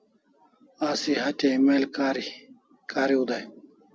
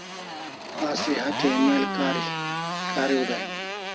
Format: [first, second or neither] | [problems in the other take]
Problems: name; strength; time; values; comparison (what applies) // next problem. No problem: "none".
first | background sound (Motorcycle); 3 dB below the speech